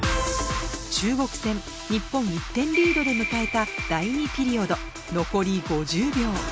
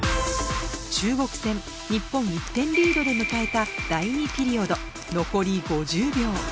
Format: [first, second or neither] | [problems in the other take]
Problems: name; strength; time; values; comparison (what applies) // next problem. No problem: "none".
first | background sound (Tools); 20 dB below the speech